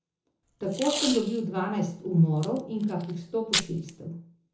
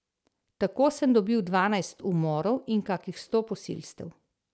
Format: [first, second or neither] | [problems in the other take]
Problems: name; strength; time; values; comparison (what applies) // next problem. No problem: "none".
second | background sound (Packing tape, duct tape); 7 dB below the speech // room echo; dies away in 0.6 s